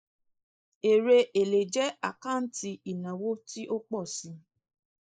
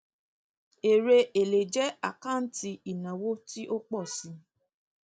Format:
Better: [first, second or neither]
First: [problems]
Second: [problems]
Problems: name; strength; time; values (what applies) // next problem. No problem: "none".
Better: second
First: noise reduction (neural mask model Resemble Enhance denoiser)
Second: none